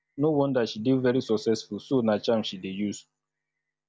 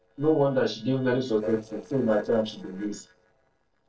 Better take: first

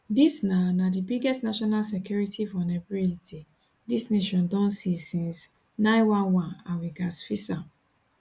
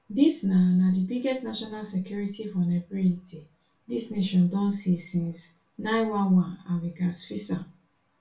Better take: first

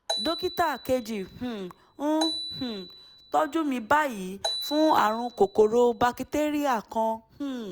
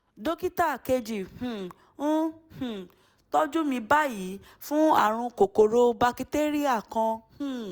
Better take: second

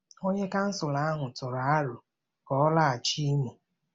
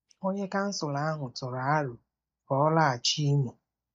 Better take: first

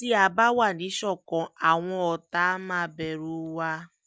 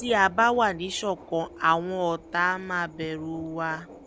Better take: first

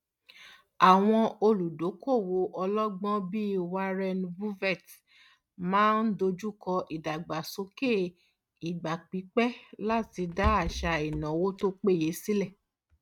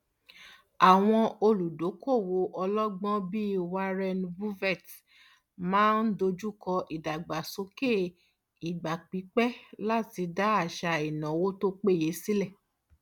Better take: second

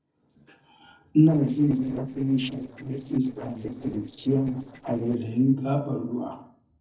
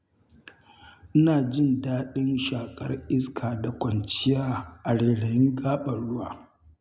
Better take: second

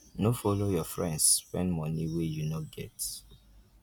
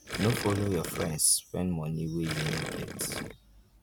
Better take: first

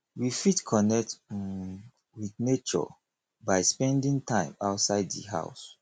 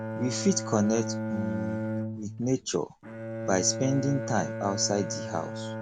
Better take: first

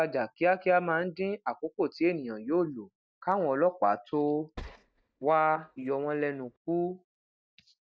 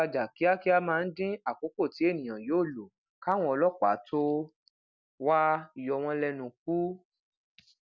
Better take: second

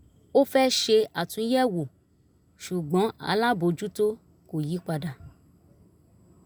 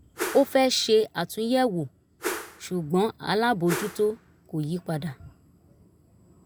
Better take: first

